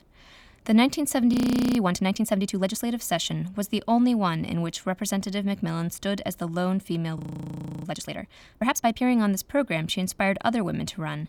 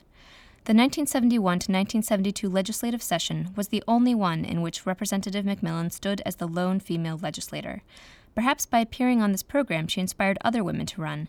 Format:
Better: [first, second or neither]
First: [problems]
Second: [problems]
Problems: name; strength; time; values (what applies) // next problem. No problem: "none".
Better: second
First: audio freezing; at 1.5 s and at 7 s for 0.5 s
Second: none